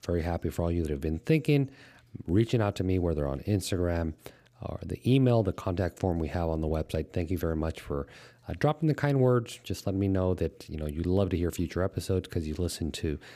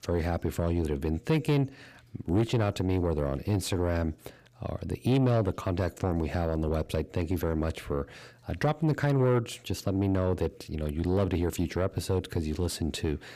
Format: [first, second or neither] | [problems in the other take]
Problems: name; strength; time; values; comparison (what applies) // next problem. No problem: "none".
first | distortion; slight; 10 dB below the speech